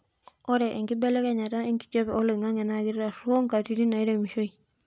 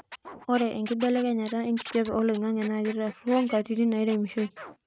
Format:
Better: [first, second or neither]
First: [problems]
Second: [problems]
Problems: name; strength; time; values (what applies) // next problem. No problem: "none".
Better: first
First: none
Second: noise reduction (neural mask model RNNoise)